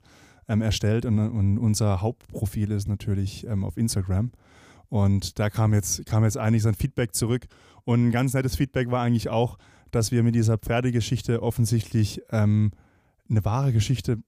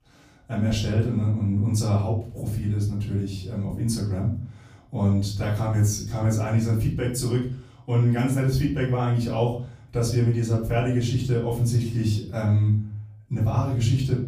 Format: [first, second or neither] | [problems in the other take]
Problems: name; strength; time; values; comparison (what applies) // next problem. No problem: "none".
first | off-mic speech; far // room echo; slight; dies away in 0.5 s